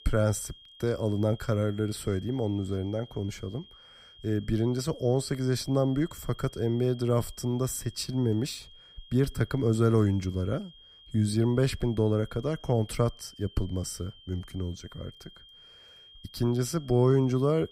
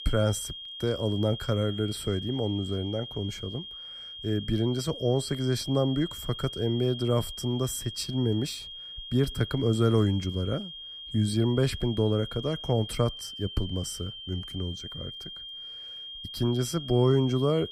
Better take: first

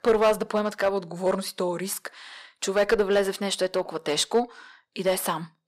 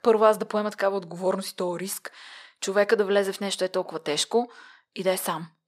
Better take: second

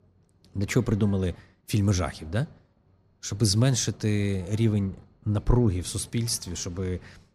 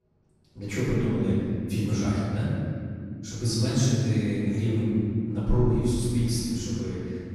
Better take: first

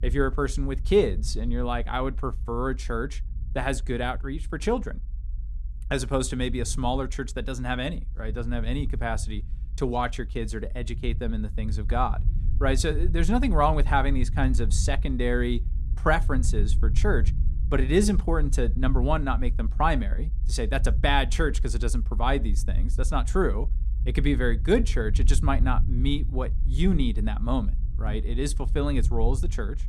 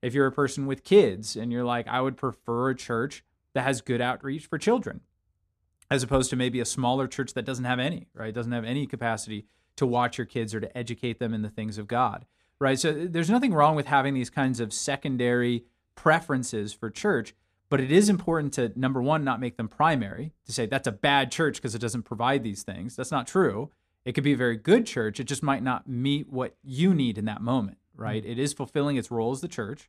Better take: second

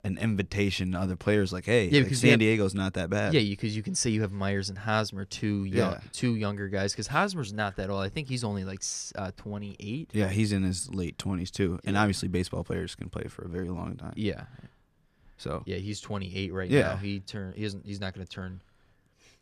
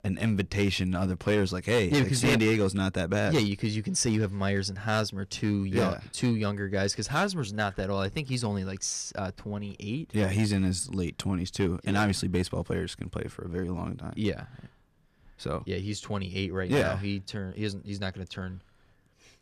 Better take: first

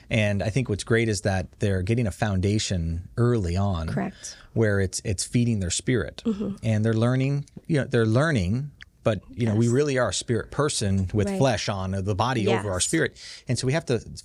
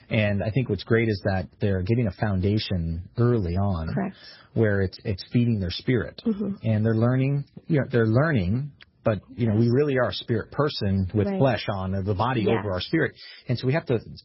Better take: first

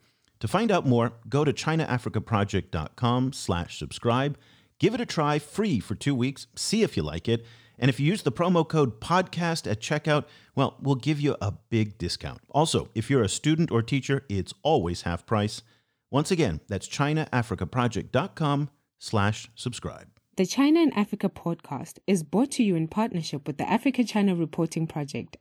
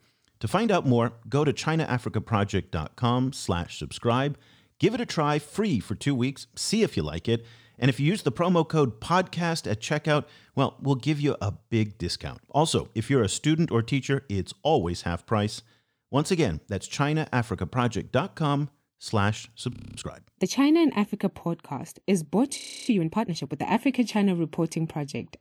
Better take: first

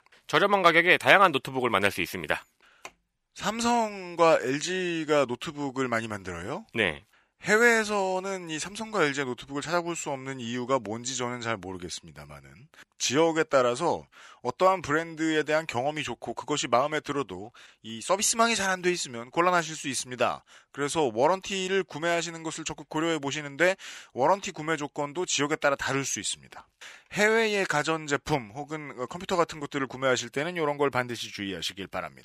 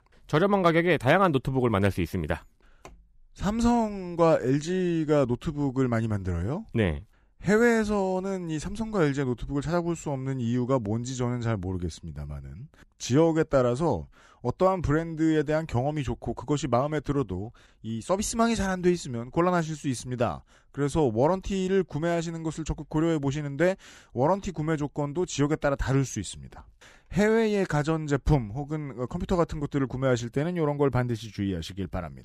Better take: second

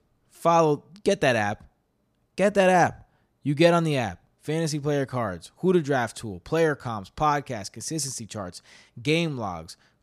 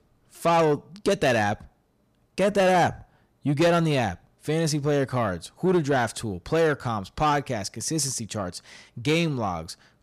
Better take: first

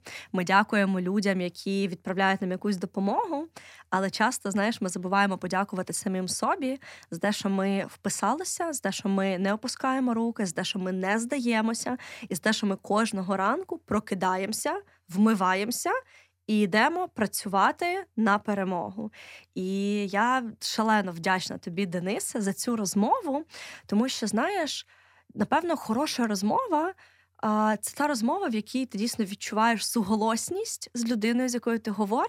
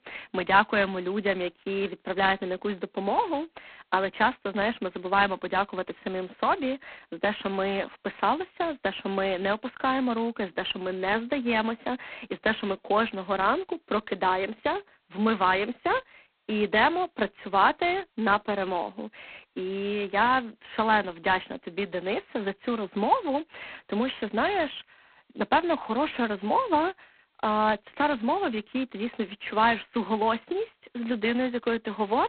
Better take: first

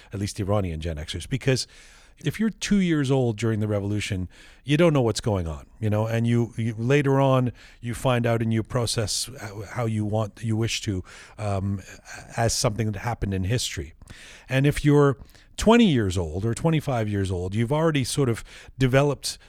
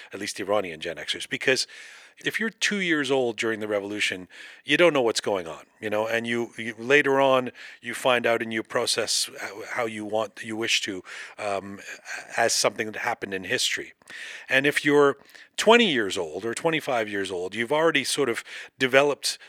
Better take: first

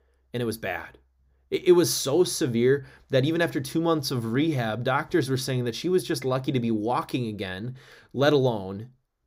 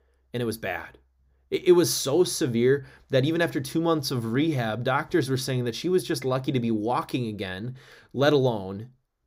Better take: neither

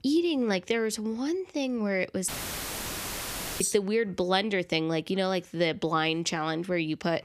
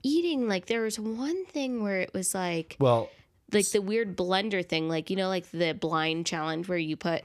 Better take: second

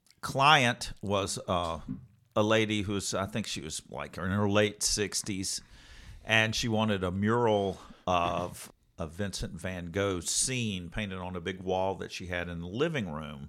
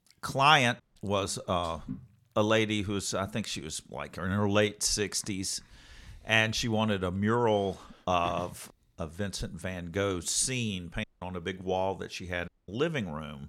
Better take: first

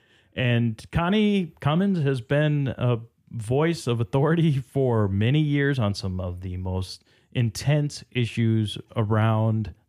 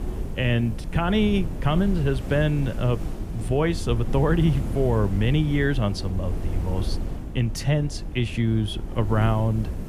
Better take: first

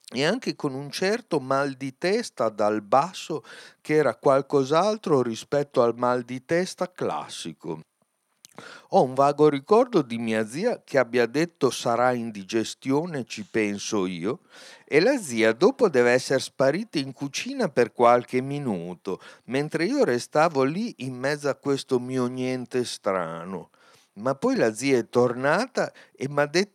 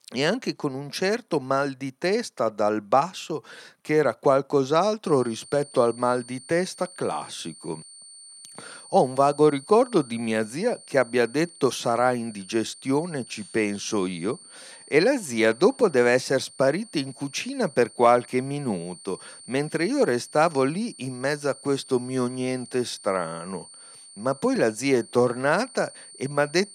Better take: first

